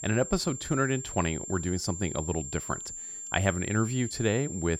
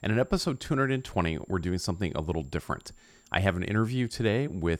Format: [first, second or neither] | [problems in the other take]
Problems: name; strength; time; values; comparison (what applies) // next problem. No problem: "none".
second | high-pitched whine; loud; throughout; 7.5 kHz, 7 dB below the speech; faint in the second